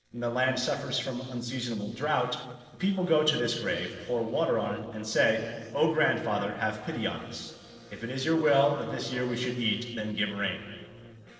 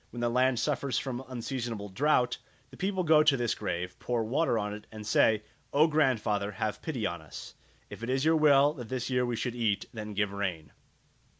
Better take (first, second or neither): second